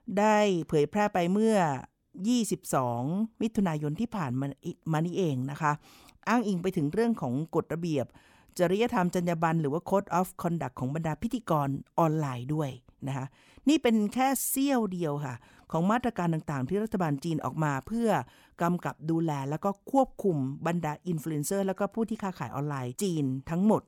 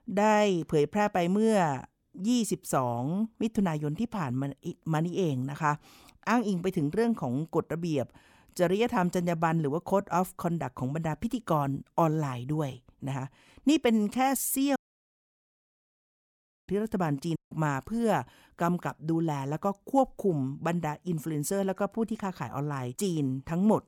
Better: first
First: none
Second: audio cutting out; at 15 s for 2 s and at 17 s

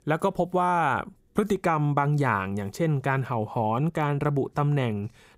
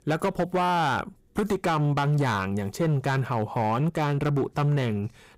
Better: first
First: none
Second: distortion; slight; 13% of the sound clipped

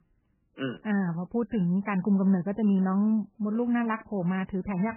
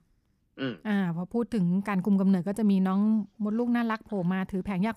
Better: second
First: garbled, watery; badly; nothing above 3 kHz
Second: none

